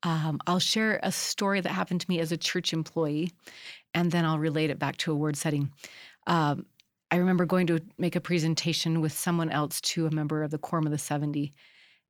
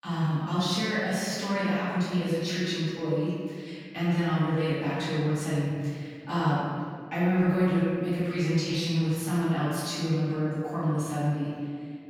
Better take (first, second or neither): first